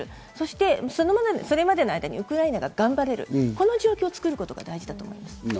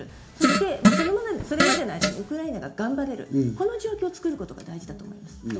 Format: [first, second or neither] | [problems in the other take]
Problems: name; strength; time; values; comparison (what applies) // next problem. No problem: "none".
first | background sound (Fart); 5 dB above the speech // room echo; dies away in 0.4 s